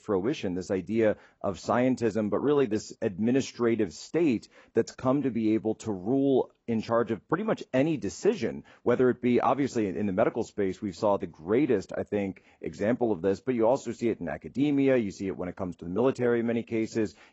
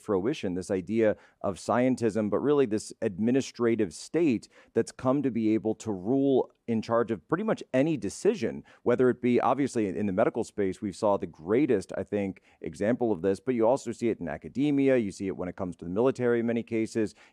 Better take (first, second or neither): second